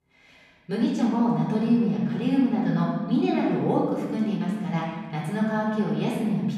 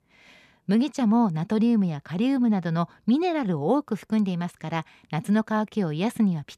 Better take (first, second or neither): second